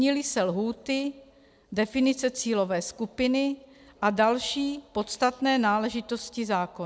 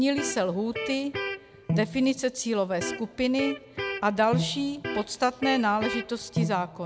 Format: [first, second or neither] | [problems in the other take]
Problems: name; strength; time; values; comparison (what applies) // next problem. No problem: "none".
first | background sound (Electric guitar); 6 dB below the speech